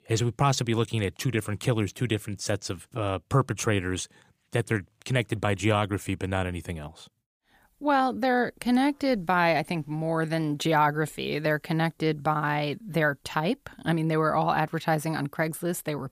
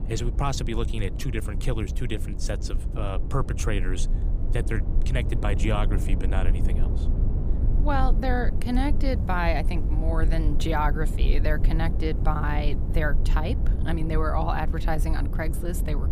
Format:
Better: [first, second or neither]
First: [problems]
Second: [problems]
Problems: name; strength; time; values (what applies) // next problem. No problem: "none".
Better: first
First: none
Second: low rumble; noticeable; throughout; 10 dB below the speech